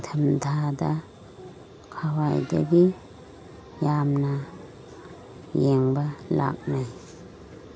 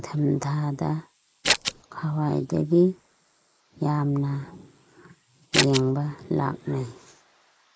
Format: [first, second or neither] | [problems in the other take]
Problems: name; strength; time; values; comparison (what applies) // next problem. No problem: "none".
first | noise reduction (neural mask model Resemble Enhance denoiser)